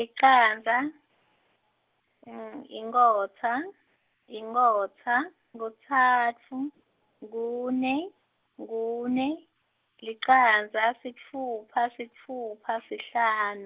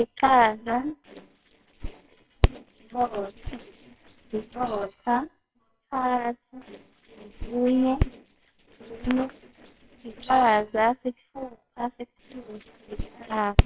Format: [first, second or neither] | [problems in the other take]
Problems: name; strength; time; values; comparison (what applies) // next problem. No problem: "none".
first | noise reduction (neural separator model SepFormer WHAMR!)